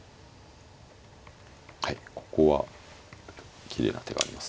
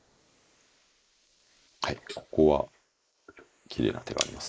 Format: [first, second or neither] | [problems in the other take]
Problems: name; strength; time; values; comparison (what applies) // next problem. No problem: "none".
first | noise reduction (neural mask model Resemble Enhance denoiser)